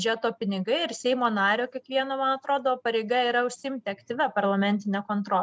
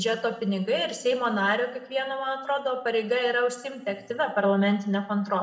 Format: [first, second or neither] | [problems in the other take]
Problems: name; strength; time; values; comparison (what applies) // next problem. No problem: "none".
first | room echo; dies away in 0.8 s